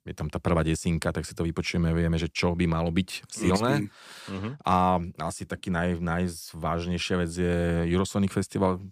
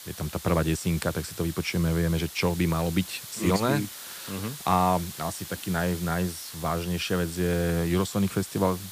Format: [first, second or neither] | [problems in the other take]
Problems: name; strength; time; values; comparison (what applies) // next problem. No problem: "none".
first | hiss; noticeable; throughout; 10 dB below the speech